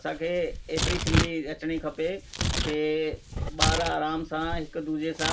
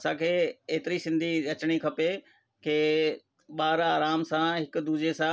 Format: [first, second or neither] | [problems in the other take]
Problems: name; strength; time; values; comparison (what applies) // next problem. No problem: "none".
second | background sound (Tearing); 1 dB below the speech // room echo; dies away in 0.2 s